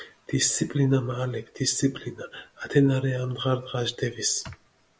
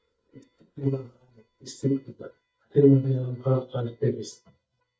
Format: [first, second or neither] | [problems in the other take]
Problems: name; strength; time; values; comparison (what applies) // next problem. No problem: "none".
first | noise reduction (neural mask model DeepFilterNet 3)